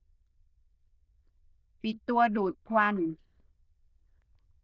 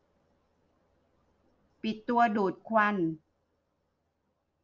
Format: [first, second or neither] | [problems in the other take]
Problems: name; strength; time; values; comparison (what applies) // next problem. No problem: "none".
second | noise reduction (neural diffusion model UNIVERSE++)